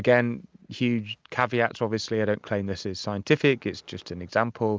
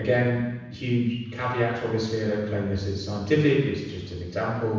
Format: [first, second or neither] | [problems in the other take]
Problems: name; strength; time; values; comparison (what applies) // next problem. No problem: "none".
first | room echo; dies away in 1.1 s